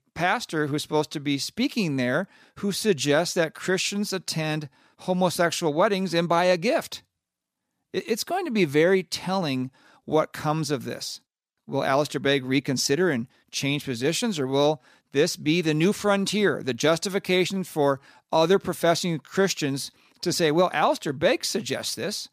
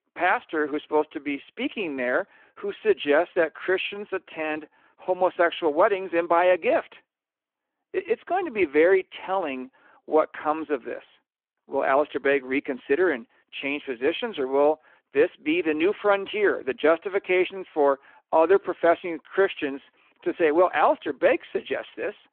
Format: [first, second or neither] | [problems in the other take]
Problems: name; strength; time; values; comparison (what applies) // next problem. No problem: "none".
first | phone-call audio